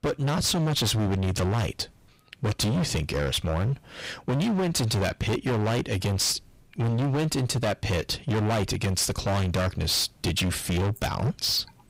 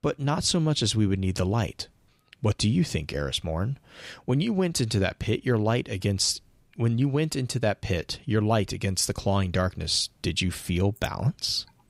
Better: second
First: distortion; heavy; 29% of the sound clipped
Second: none

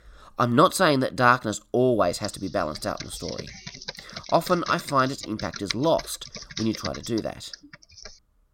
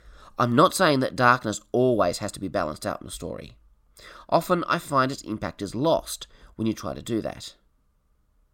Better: second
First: keyboard typing; noticeable; from 2 s on; peak 8 dB below the speech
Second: none

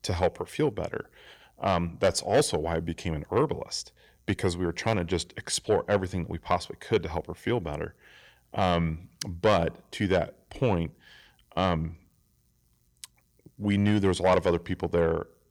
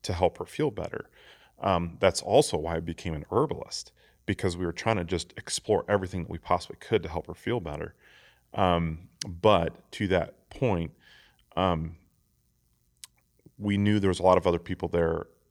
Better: second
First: distortion; slight; 10 dB below the speech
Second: none

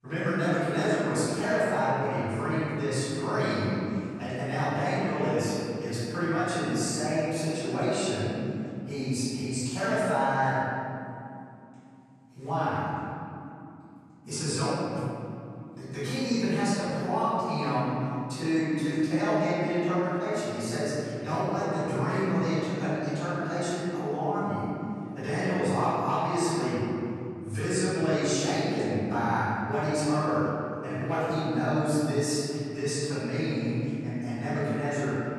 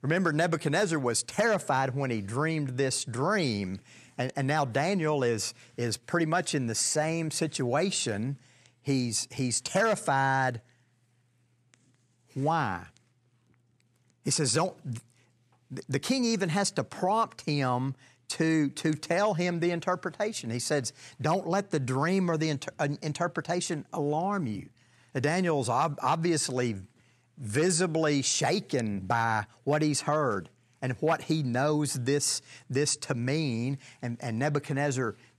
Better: second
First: off-mic speech; far // room echo; strong; dies away in 2.8 s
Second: none

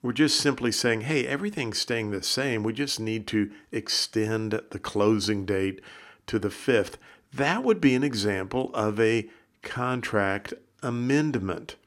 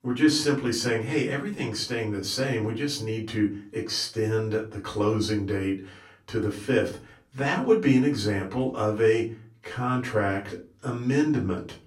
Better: first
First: none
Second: off-mic speech; far // room echo; very slight; dies away in 0.3 s

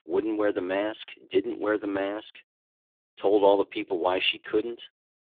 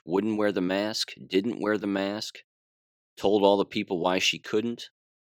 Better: second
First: phone-call audio; poor line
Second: none

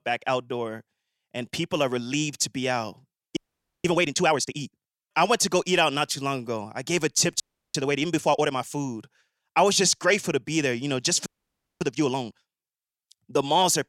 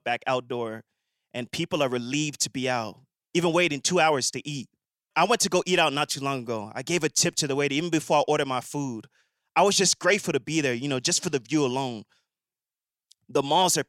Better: second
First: audio freezing; at 3.5 s, at 7.5 s and at 11 s for 0.5 s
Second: none

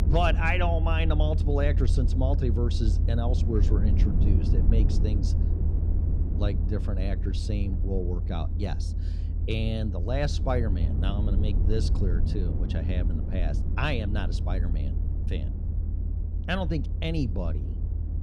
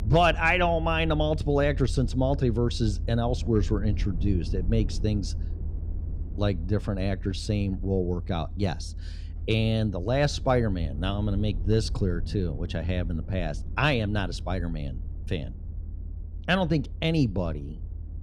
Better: second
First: low rumble; loud; throughout; 9 dB below the speech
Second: low rumble; faint; throughout; 20 dB below the speech

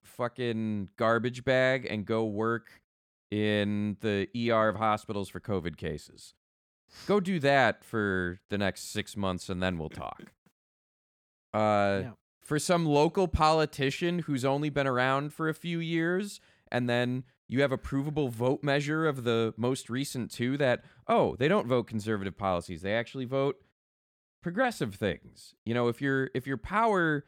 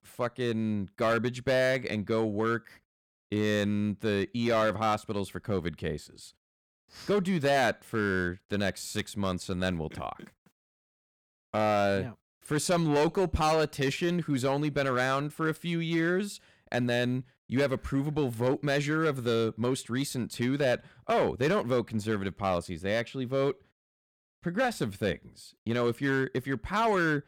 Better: first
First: none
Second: distortion; slight; 5% of the sound clipped

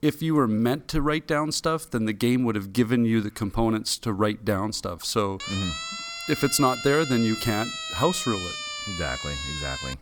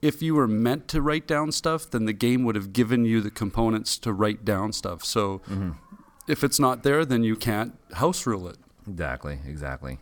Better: second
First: siren; noticeable; from 5.5 s on; peak 5 dB below the speech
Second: none

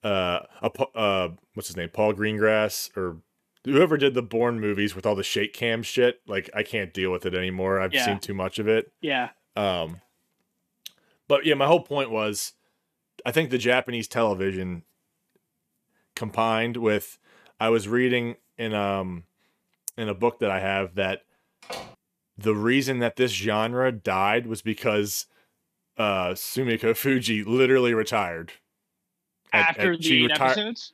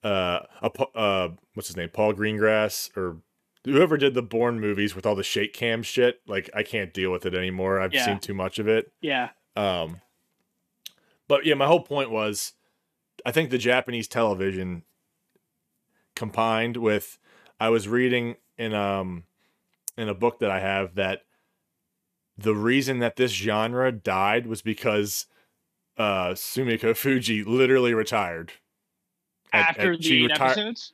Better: second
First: door banging; faint; at 22 s; peak 15 dB below the speech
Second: none

